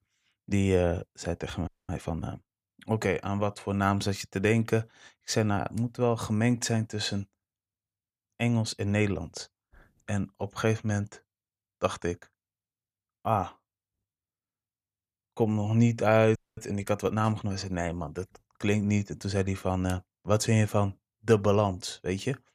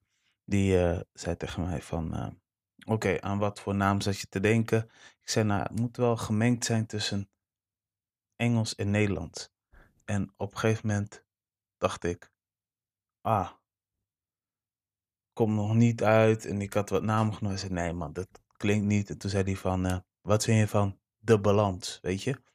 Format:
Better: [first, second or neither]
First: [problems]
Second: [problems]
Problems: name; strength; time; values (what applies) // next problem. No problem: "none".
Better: second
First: audio freezing; at 1.5 s and at 16 s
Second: none